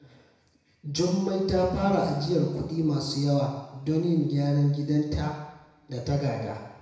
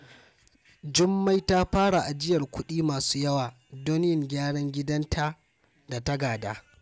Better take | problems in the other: second | room echo; dies away in 1 s

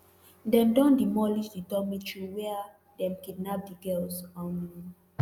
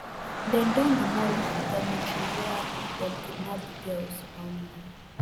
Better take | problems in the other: first | background sound (Rain / Dog); 2 dB below the speech

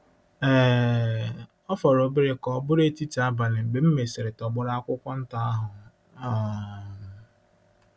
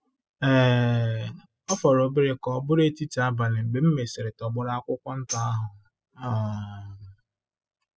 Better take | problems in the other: first | noise reduction (classical method spectral subtraction)

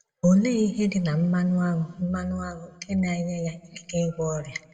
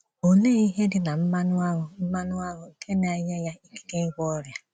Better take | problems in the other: second | room echo; dies away in 0.6 s

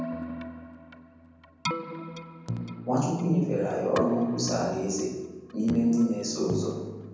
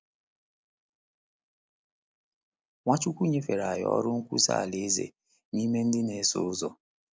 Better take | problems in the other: second | background sound (Keyboard (musical)); 7 dB below the speech // room echo; dies away in 1.1 s

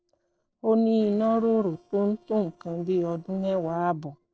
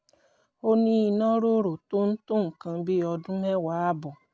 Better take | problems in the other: second | noise reduction (neural separator model SepFormer DNS4)

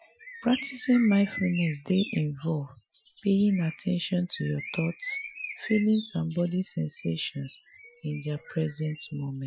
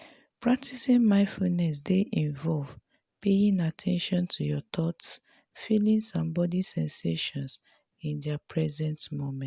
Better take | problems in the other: second | noise reduction (classical method Wiener filter)

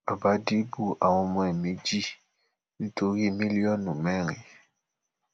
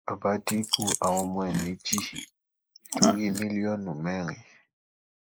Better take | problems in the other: first | noise reduction (neural mask model Resemble Enhance denoiser)

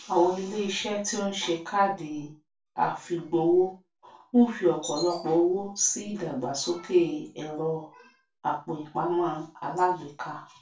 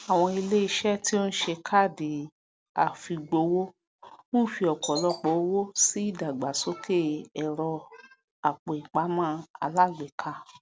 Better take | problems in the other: second | room echo; dies away in 0.2 s

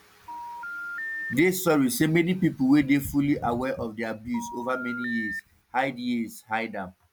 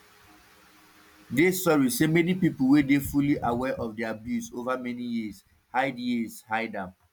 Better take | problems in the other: second | background sound (Telephone); 9 dB below the speech

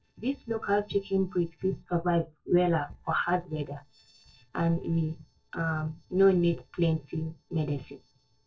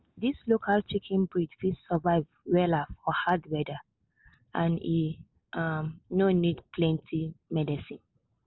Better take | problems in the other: second | noise reduction (neural separator model SepFormer DNS4)

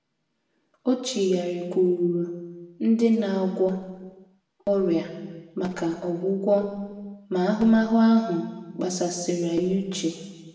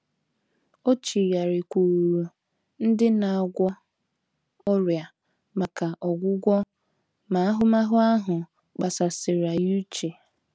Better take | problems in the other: second | room echo; dies away in 1.2 s

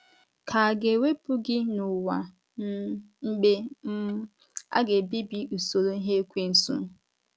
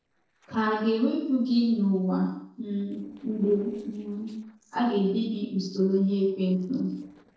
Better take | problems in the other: first | noise reduction (neural separator model SepFormer DNS4)

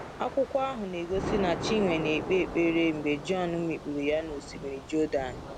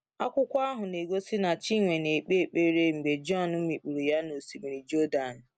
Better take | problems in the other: second | background sound (Thunder / Rain); 8 dB below the speech

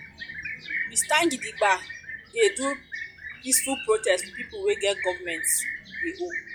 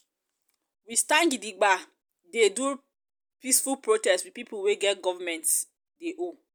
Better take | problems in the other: second | noise reduction (classical method log-MMSE)

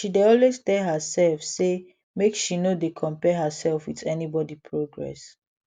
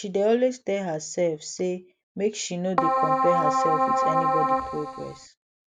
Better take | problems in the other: first | background sound (Keyboard (musical)); 5 dB above the speech

